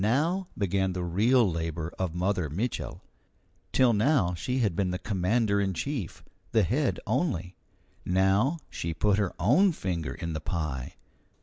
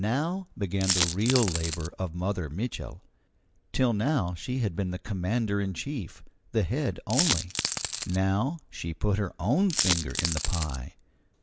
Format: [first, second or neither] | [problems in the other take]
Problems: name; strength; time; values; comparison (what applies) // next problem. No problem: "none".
first | background sound (Coin (dropping)); 1 dB below the speech